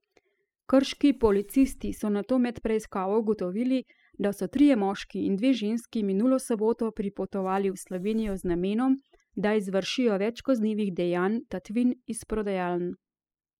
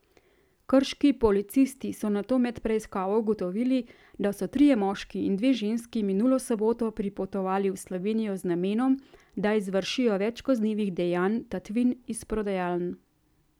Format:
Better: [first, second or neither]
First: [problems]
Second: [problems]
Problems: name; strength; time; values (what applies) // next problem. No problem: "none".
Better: second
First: noise reduction (classical method spectral subtraction)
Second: none